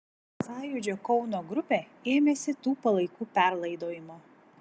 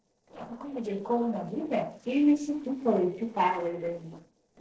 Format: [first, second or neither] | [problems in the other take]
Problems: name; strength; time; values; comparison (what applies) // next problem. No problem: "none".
first | noise reduction (neural separator model SepFormer DNS4)